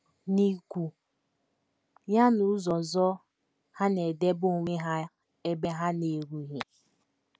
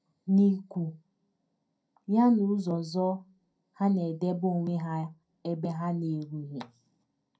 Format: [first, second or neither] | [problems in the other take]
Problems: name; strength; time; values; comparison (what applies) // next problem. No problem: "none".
first | room echo; dies away in 0.2 s